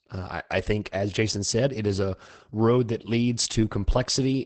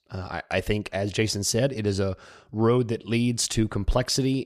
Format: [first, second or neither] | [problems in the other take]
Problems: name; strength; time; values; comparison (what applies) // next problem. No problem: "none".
second | garbled, watery; badly; nothing above 8 kHz